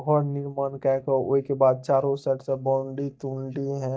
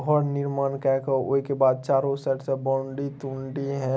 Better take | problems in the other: second | noise reduction (neural mask model DeepFilterNet 3)

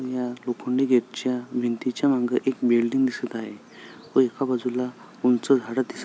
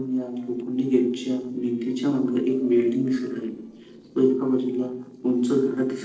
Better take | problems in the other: first | noise reduction (neural separator model SepFormer DNS4)

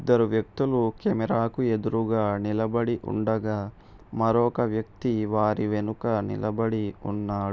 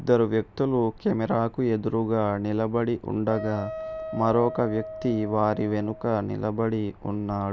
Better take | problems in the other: first | background sound (Wind instrument, woodwind instrument); 12 dB below the speech

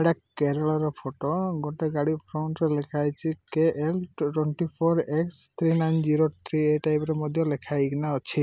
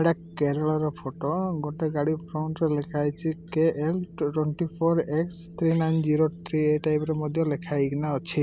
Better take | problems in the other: first | background sound (Wind); 17 dB below the speech

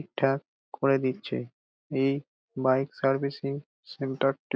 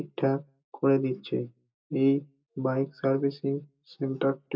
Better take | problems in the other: first | room echo; dies away in 0.2 s

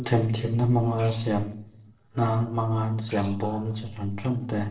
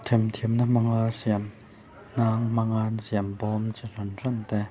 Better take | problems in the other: second | noise reduction (neural separator model SepFormer DNS4)

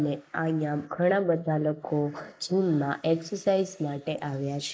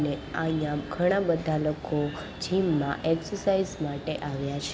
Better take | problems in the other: second | noise reduction (neural mask model Resemble Enhance denoiser)

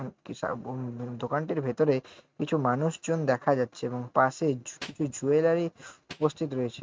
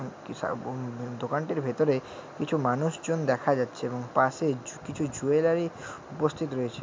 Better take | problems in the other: second | noise reduction (neural mask model RNNoise)

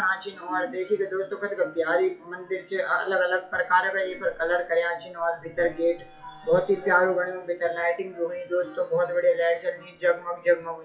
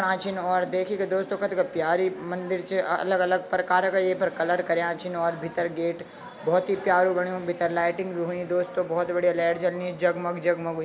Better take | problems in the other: second | noise reduction (classical method WPE with log-MMSE)

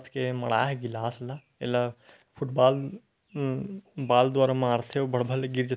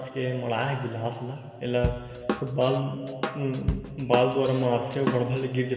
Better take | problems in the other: first | background sound (Drum / Drum kit); 6 dB below the speech // room echo; dies away in 2.5 s

